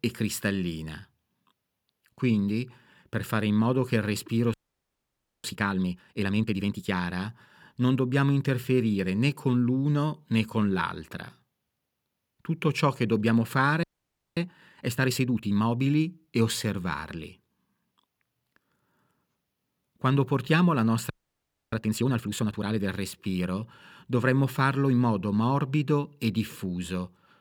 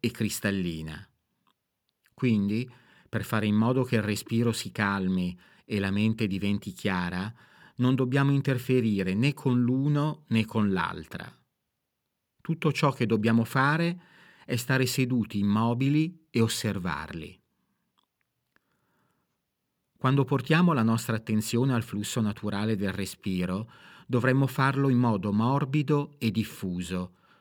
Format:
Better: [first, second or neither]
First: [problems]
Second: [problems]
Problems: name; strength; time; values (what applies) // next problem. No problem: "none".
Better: second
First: audio freezing; at 4.5 s for 1 s, at 14 s for 0.5 s and at 21 s for 0.5 s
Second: none